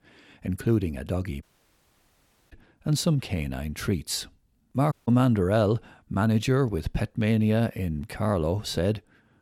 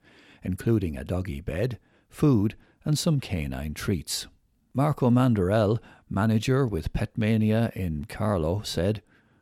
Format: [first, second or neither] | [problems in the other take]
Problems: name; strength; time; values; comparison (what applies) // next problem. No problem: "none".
second | audio cutting out; at 1.5 s for 1 s and at 5 s